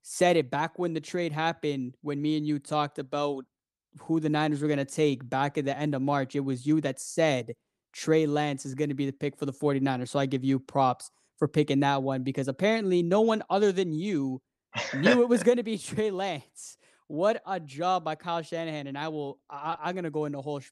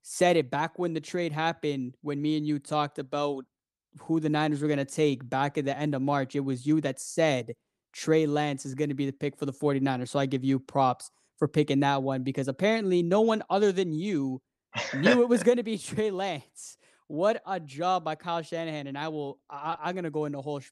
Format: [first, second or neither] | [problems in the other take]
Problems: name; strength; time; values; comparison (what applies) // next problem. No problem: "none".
neither | none